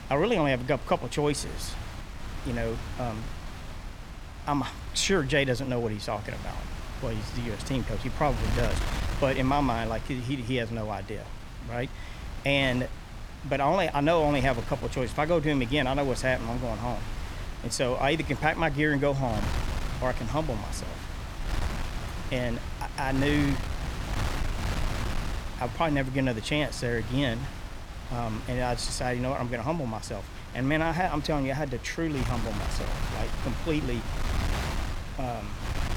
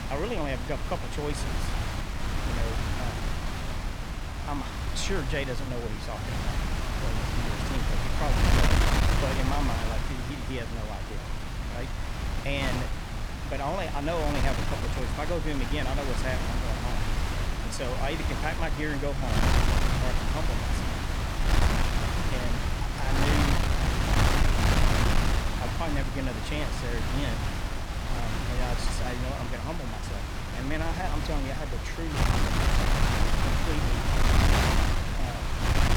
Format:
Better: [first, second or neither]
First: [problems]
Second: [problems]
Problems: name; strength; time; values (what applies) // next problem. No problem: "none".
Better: first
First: wind noise on the microphone; occasional gusts; 10 dB below the speech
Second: wind noise on the microphone; heavy; 3 dB above the speech